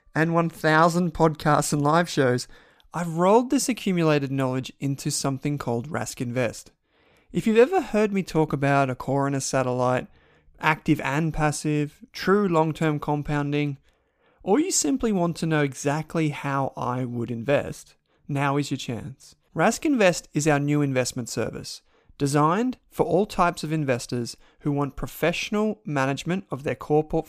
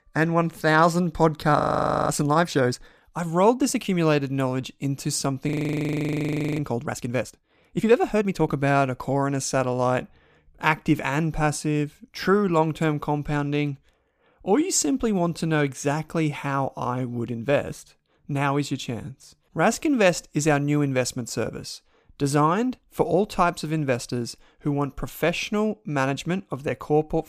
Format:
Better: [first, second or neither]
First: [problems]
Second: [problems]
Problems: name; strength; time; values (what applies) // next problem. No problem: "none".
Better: first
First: none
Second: audio freezing; at 1.5 s and at 5.5 s for 1 s